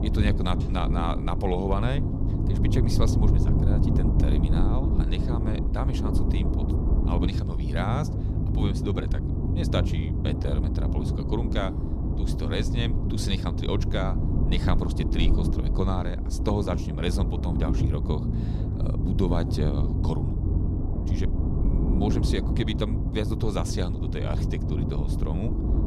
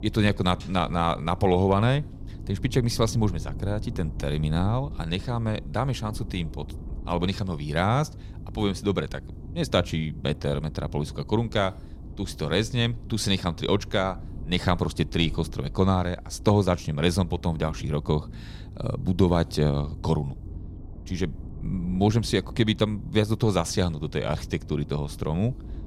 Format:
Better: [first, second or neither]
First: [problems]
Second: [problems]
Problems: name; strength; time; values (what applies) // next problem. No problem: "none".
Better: second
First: low rumble; loud; throughout; 3 dB below the speech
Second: low rumble; faint; throughout; 20 dB below the speech